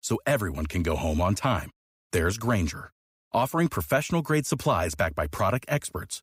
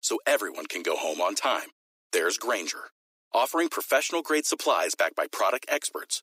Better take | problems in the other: first | thin; very; fading below 300 Hz

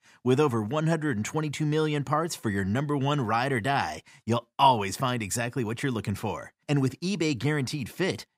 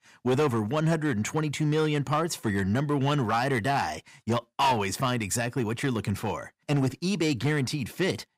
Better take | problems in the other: first | distortion; slight; 6% of the sound clipped

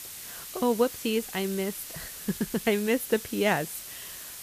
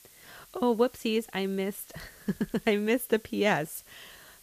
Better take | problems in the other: second | hiss; loud; throughout; 10 dB below the speech; faint in the second

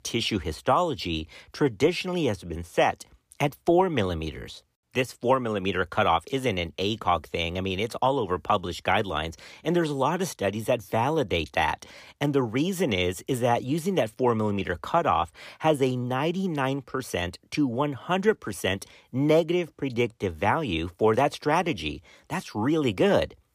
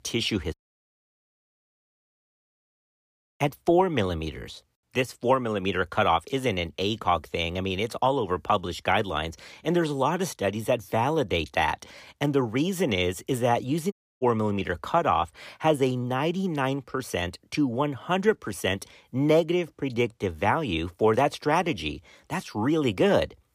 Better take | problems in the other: first | audio cutting out; at 0.5 s for 3 s and at 14 s

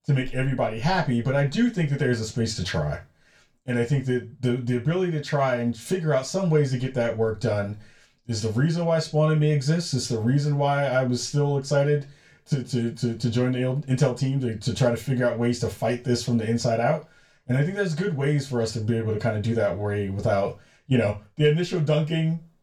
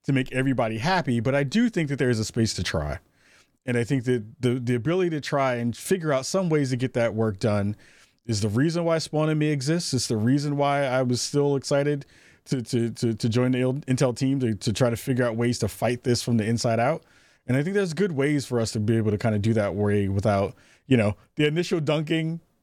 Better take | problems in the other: second | room echo; very slight; dies away in 0.2 s // off-mic speech; far

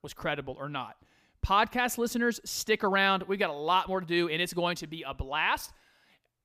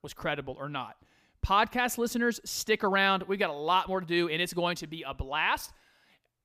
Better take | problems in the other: neither | none

